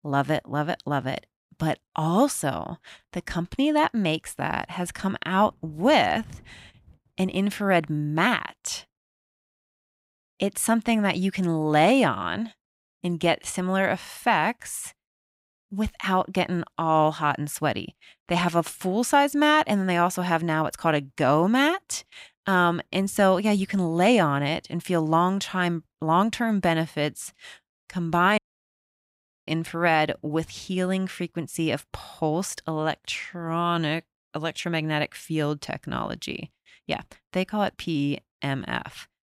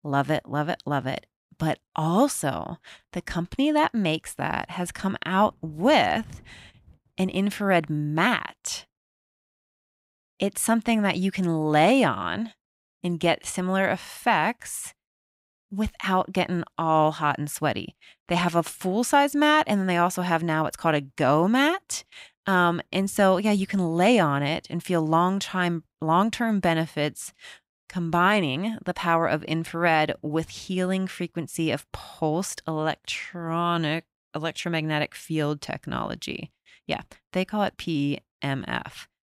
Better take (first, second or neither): second